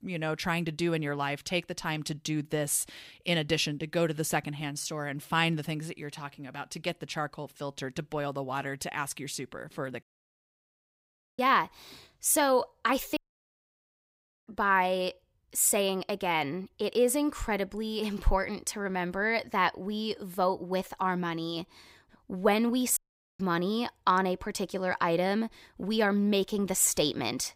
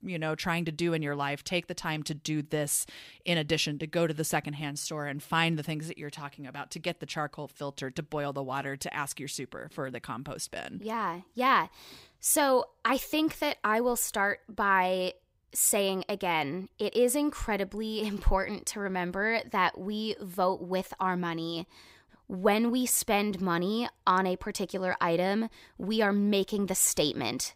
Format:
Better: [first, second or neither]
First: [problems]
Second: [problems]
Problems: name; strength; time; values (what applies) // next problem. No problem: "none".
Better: second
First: audio cutting out; at 10 s for 1.5 s, at 13 s for 1.5 s and at 23 s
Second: none